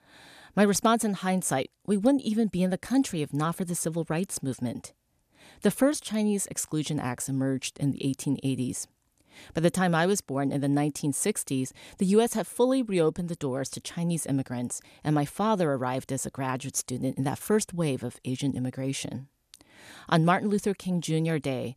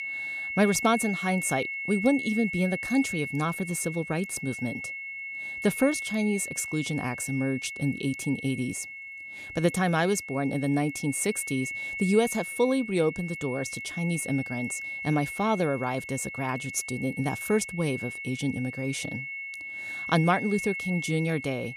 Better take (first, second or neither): first